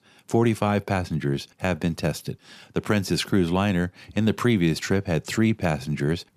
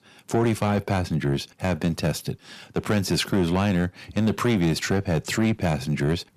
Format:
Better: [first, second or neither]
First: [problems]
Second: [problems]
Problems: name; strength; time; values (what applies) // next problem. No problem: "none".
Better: first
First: none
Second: distortion; slight; 10 dB below the speech